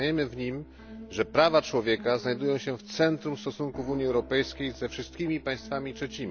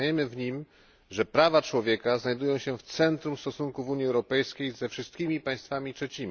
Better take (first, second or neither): second